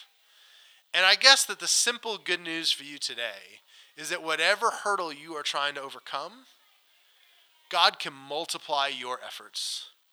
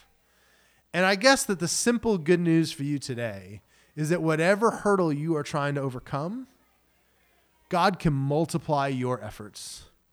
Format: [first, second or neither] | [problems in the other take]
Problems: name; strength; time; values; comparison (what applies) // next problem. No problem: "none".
second | thin; very; fading below 850 Hz